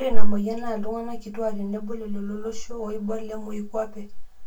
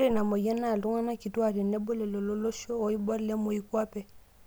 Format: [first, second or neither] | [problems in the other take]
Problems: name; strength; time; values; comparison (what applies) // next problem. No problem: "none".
second | room echo; dies away in 0.2 s